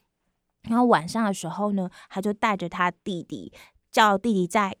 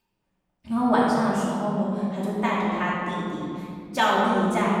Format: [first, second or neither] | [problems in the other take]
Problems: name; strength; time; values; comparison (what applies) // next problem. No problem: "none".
first | off-mic speech; far // room echo; strong; dies away in 2.4 s